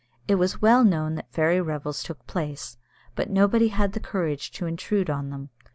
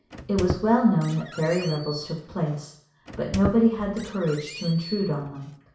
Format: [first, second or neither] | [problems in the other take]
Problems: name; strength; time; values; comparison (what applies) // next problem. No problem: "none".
first | background sound (Squeak); 11 dB below the speech // room echo; dies away in 0.6 s